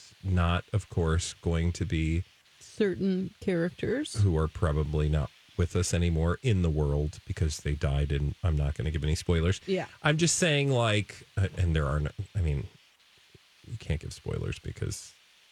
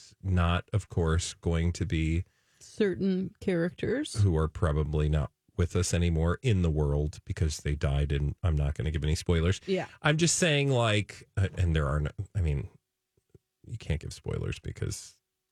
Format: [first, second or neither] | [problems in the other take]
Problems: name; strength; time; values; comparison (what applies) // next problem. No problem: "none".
second | hiss; faint; throughout; 30 dB below the speech